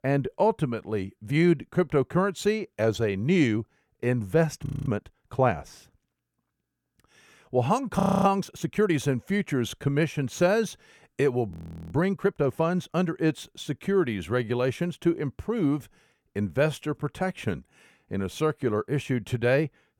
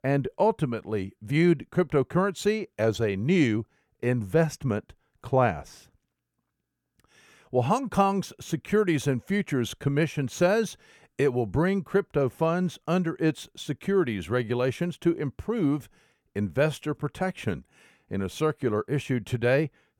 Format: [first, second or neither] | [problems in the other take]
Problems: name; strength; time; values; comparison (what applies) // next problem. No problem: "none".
second | audio freezing; at 4.5 s, at 8 s and at 12 s